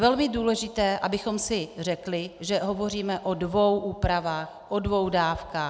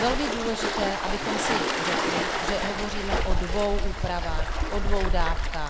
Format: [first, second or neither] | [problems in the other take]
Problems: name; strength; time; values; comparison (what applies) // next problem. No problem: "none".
first | background sound (Waves, surf); 5 dB above the speech